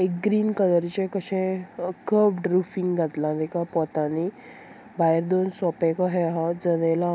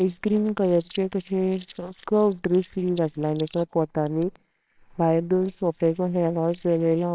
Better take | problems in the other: first | noise reduction (neural separator model SepFormer WHAMR!)

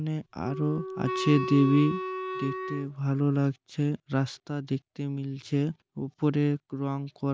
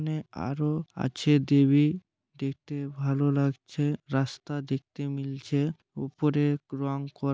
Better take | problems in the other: second | background sound (Wind instrument, woodwind instrument); 6 dB below the speech

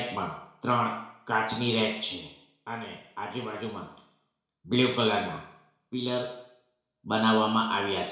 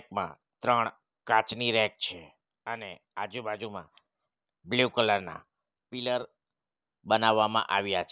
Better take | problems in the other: second | room echo; dies away in 0.7 s

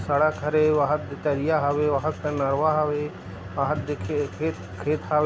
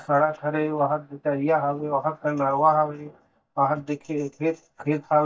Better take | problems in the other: first | noise reduction (neural mask model DeepFilterNet 3)

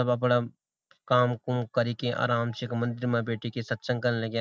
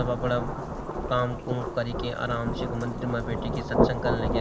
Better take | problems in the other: first | background sound (Rain / Thunderstorm); 1 dB above the speech

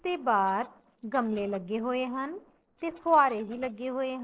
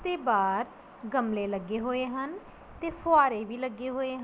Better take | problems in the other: second | noise reduction (neural separator model SepFormer DNS4)

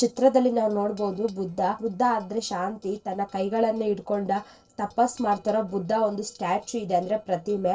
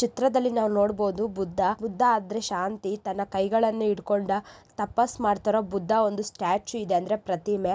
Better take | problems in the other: second | noise reduction (neural separator model SepFormer DNS4)

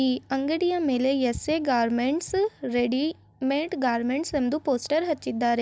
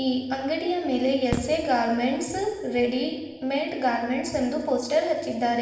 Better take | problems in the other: first | background sound (Fireworks); 14 dB below the speech // room echo; dies away in 1.2 s

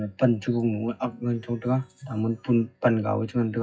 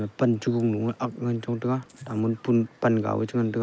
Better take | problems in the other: second | noise reduction (classical method WPE with log-MMSE)

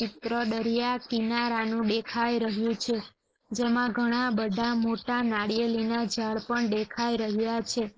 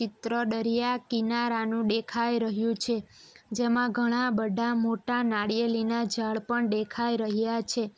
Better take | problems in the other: second | noise reduction (neural mask model Resemble Enhance denoiser)

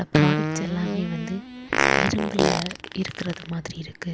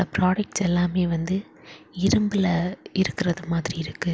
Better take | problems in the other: second | background sound (Fart); 4 dB above the speech

